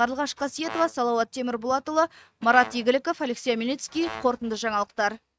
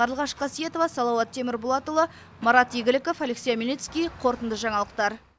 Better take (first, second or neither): second